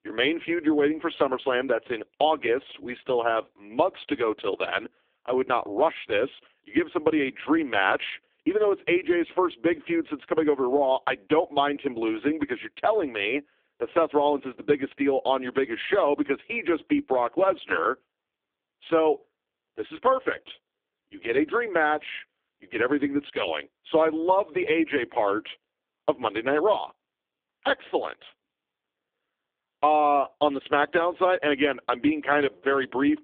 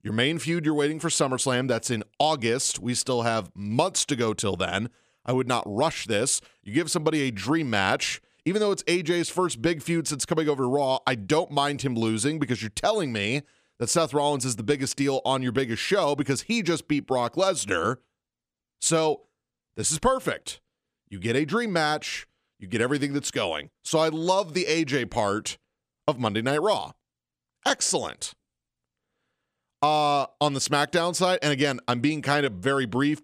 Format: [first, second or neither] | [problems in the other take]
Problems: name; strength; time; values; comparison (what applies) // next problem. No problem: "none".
second | phone-call audio; poor line